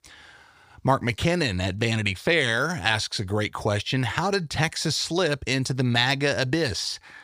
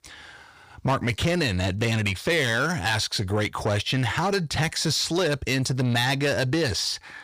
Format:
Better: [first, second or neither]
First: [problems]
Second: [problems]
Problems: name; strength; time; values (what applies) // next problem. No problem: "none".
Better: first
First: none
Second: distortion; slight; 10 dB below the speech